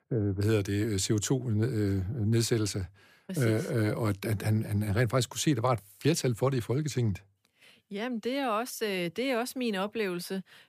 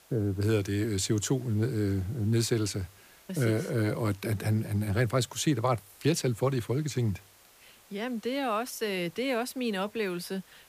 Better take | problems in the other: first | hiss; faint; throughout; 25 dB below the speech

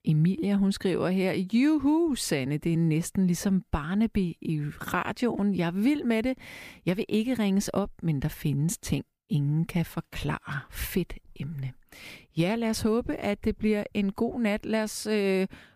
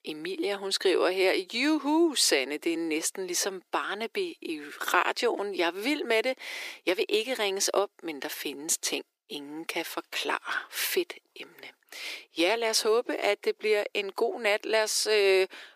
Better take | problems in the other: first | thin; very; fading below 350 Hz

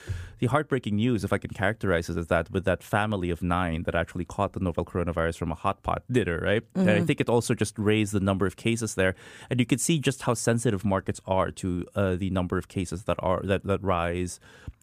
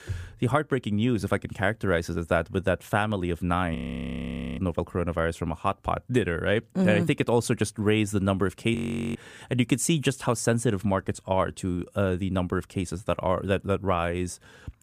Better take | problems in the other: first | audio freezing; at 4 s for 1 s and at 9 s

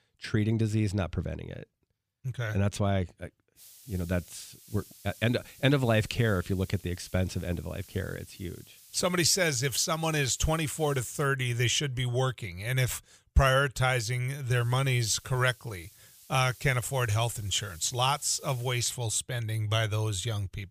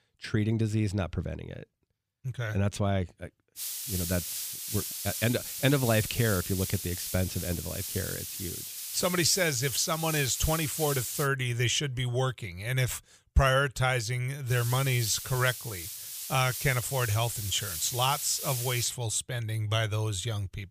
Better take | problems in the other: first | hiss; loud; from 3.5 to 11 s and from 14 to 19 s; 5 dB below the speech; faint in the first

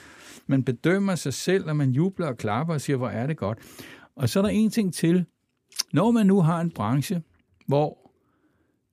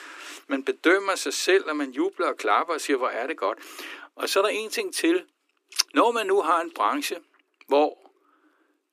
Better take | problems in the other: first | thin; very; fading below 300 Hz

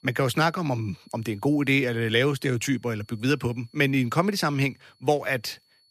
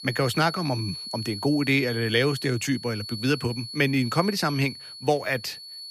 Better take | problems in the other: first | high-pitched whine; loud; throughout; 4.5 kHz, 10 dB below the speech; faint in the first

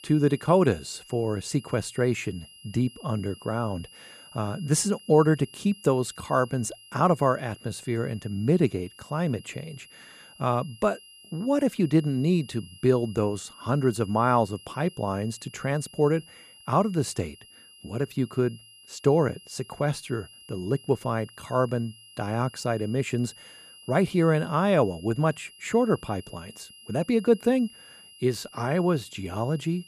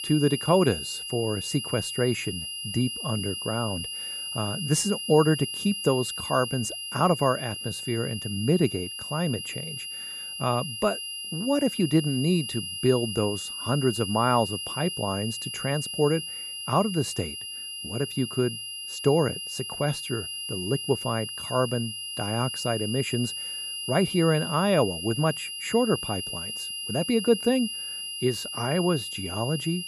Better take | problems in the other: first | high-pitched whine; loud; throughout; 3 kHz, 5 dB below the speech; faint in the first

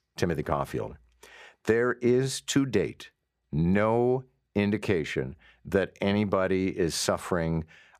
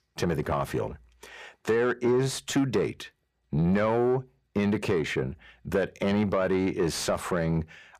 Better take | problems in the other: first | distortion; slight; 10 dB below the speech

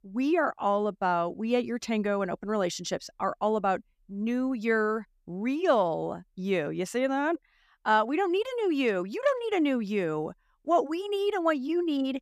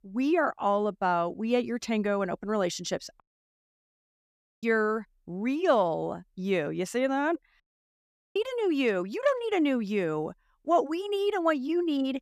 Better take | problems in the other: first | audio cutting out; at 3 s for 1.5 s and at 7.5 s for 1 s

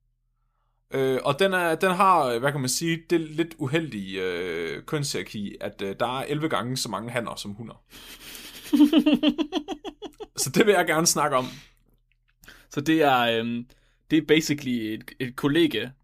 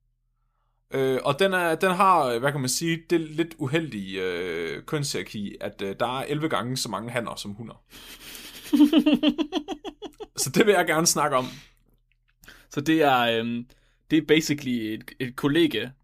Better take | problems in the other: neither | none

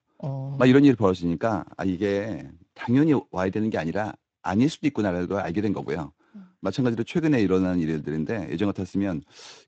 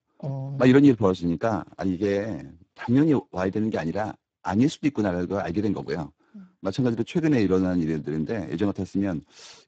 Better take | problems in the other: first | garbled, watery; badly; nothing above 7.5 kHz; slightly in the first

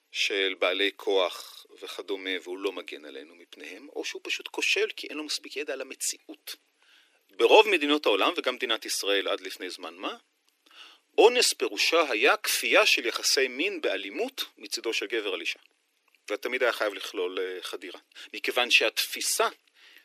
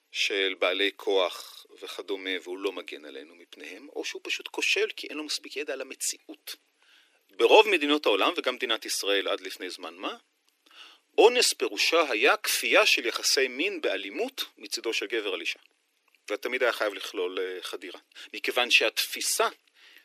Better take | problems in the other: neither | thin; very; fading below 300 Hz; the same in both

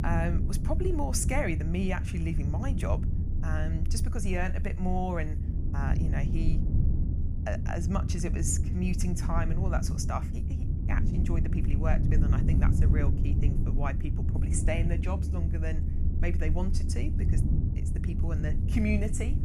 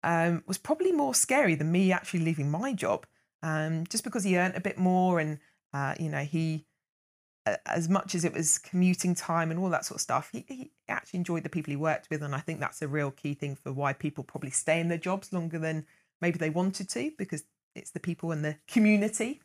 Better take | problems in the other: second | low rumble; loud; throughout; 6 dB below the speech

